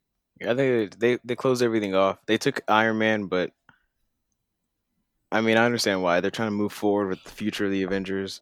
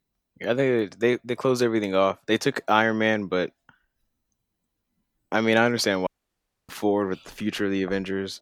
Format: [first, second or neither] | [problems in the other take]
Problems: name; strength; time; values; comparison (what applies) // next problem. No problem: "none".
first | audio cutting out; at 6 s for 0.5 s